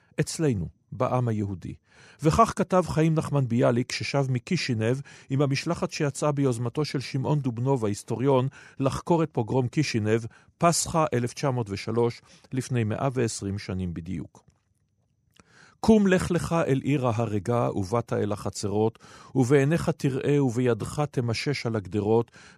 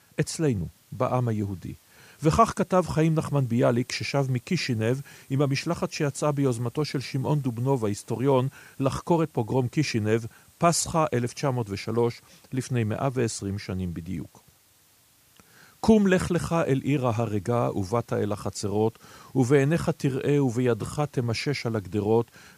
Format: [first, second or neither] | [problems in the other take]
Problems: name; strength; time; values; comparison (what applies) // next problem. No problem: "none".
first | hiss; faint; throughout; 30 dB below the speech